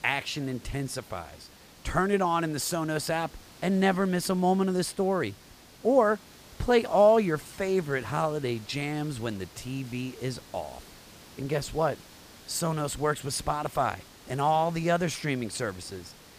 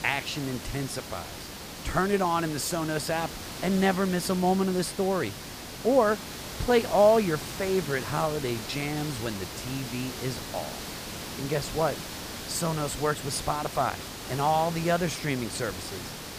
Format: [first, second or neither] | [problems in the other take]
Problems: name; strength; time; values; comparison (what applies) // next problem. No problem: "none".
first | hiss; loud; throughout; 9 dB below the speech; faint in the first